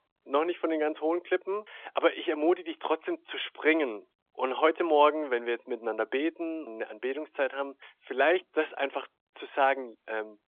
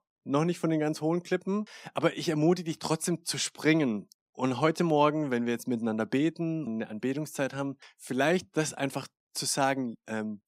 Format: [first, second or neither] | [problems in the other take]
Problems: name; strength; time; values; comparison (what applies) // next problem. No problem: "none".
second | phone-call audio; nothing above 3.5 kHz